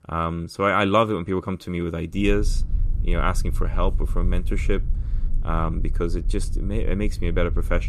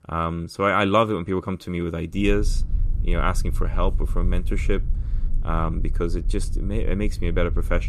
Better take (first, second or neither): neither